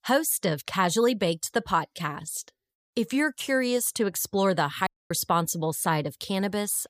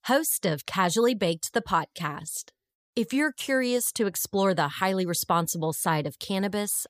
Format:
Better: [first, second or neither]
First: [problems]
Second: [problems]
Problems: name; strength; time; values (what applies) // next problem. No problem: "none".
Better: second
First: audio cutting out; at 5 s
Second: none